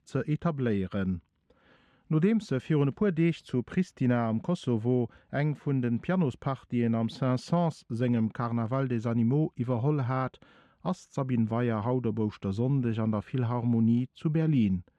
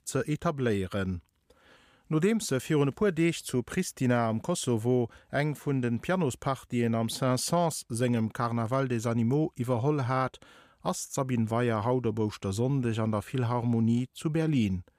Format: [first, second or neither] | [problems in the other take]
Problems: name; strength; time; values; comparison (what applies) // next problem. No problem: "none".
second | muffled; slightly; fading above 3.5 kHz